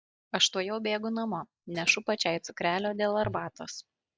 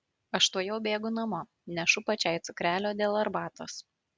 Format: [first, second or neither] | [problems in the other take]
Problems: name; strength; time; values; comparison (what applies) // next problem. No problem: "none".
second | noise reduction (neural mask model DeepFilterNet 3)